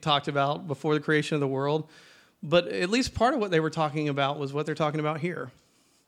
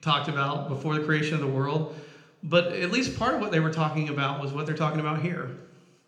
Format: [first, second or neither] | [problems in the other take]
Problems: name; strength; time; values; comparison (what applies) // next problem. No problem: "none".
first | room echo; slight; dies away in 0.7 s